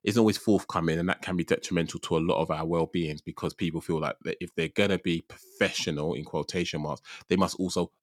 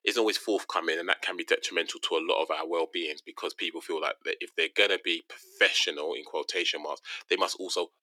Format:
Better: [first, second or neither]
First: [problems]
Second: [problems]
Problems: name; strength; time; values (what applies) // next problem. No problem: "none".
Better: first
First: none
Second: thin; very; fading below 350 Hz